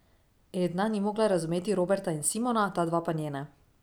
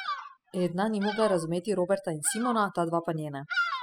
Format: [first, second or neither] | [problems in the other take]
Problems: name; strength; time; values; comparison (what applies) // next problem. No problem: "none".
first | noise reduction (classical method spectral subtraction)